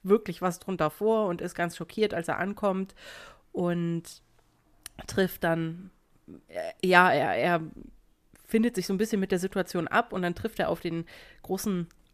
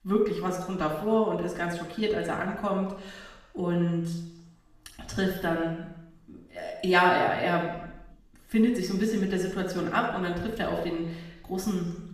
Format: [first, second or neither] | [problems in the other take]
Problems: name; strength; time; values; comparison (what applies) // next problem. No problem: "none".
first | room echo; noticeable; dies away in 0.9 s // off-mic speech; far